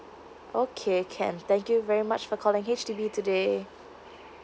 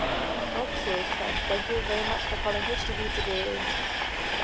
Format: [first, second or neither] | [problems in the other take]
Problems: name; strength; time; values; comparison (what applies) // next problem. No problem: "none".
first | background sound (Train); 4 dB above the speech